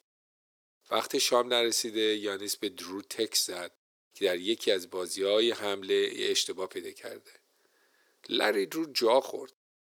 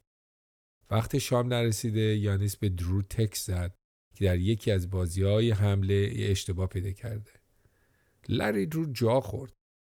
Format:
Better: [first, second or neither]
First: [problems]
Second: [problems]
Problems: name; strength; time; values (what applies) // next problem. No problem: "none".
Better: second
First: thin; very; fading below 350 Hz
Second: none